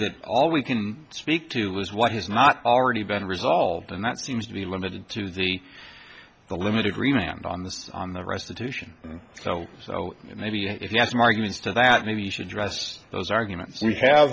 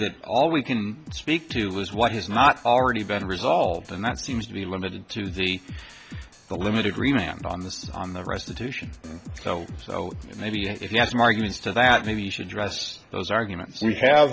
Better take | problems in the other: first | background sound (Drum kit); 15 dB below the speech

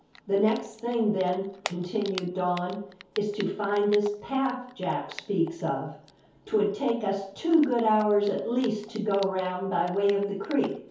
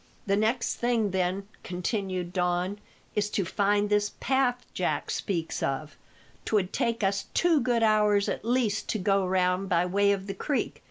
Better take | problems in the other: second | background sound (Typing); 19 dB below the speech // room echo; dies away in 0.6 s

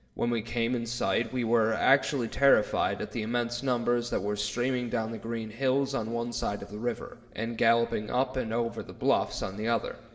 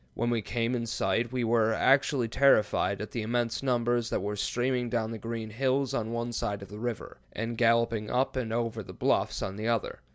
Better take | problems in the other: second | room echo; dies away in 1.3 s

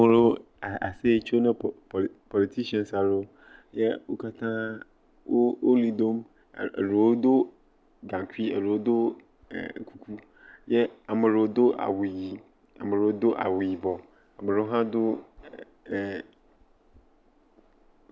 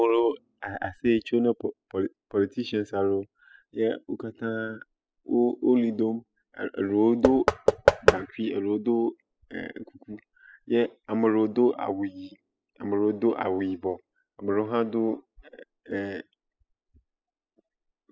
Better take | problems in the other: first | noise reduction (classical method spectral subtraction)

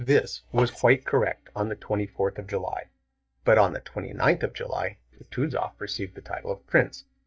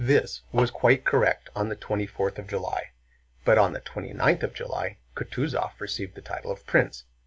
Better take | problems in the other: second | noise reduction (neural mask model DeepFilterNet 3)

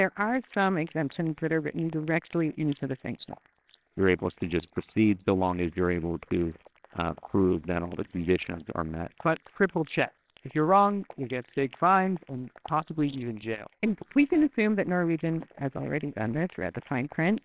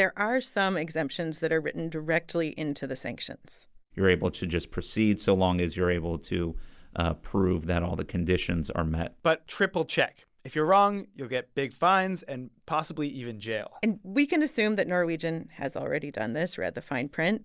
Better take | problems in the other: second | noise reduction (neural separator model SepFormer WHAMR!)

